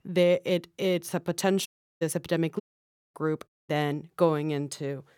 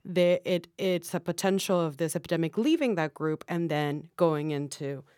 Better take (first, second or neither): second